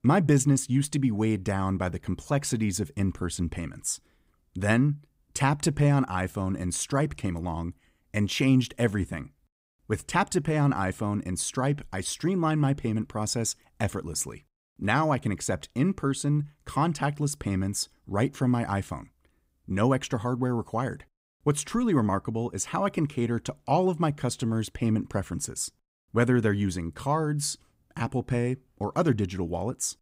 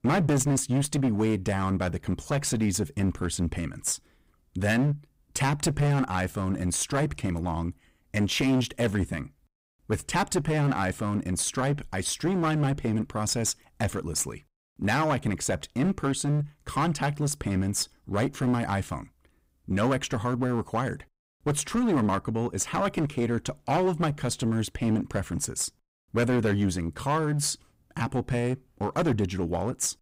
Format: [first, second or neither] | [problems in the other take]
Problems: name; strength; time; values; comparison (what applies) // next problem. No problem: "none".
first | distortion; heavy; 10% of the sound clipped